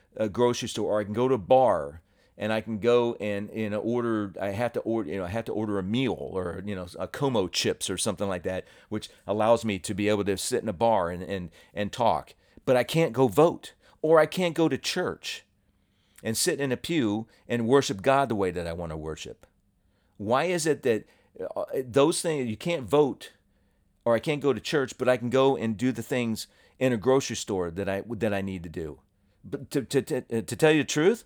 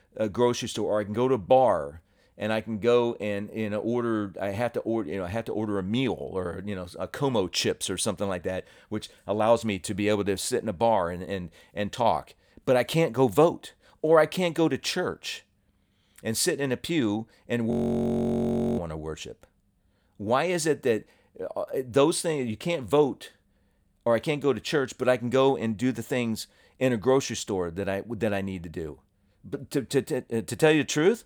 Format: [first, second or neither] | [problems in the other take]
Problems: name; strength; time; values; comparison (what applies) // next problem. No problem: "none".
first | audio freezing; at 18 s for 1 s